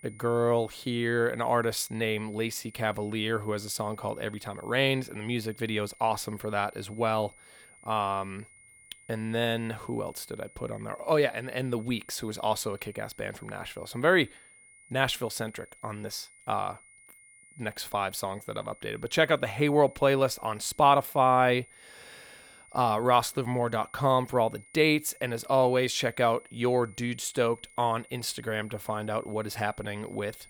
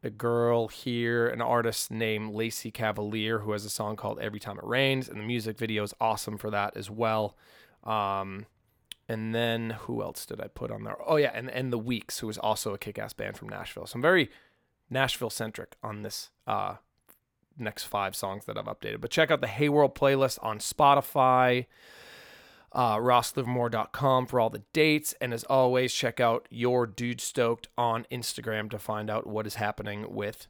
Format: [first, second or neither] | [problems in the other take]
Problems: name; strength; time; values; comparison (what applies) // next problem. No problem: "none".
second | high-pitched whine; faint; throughout; 2 kHz, 25 dB below the speech